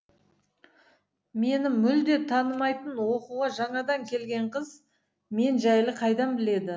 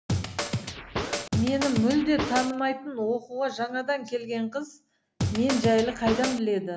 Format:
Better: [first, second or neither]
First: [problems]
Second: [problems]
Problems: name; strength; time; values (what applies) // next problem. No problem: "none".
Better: first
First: none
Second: background sound (Scratching (performance technique)); 3 dB below the speech